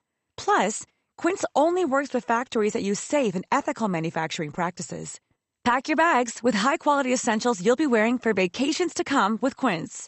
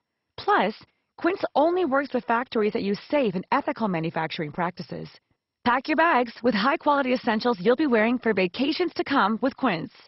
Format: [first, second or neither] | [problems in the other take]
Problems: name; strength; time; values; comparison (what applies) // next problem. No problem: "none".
first | garbled, watery; badly; nothing above 5.5 kHz; slightly in the first